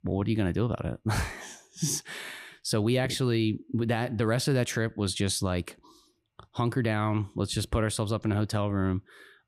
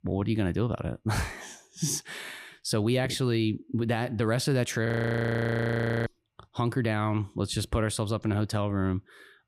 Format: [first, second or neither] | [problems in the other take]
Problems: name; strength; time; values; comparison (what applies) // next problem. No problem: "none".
first | audio freezing; at 5 s for 1 s